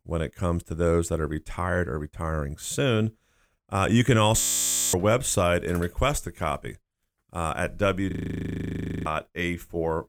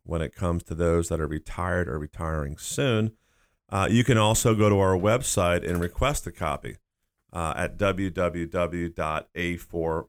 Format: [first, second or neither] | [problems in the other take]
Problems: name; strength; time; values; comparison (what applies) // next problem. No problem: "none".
second | audio freezing; at 4.5 s for 0.5 s and at 8 s for 1 s